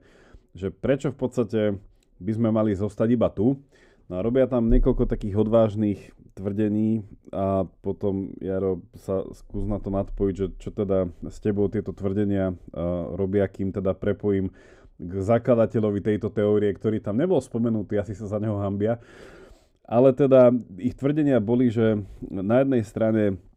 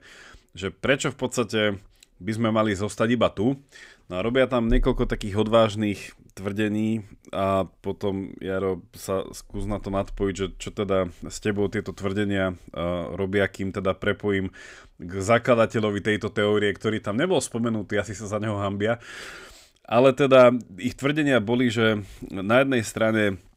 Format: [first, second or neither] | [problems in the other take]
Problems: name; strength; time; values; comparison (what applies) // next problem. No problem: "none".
second | muffled; slightly; fading above 1 kHz